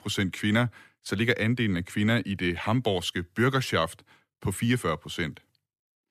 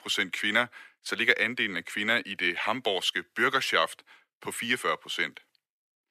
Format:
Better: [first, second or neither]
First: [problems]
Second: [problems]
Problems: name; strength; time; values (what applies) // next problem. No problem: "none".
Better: first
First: none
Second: thin; very; fading below 400 Hz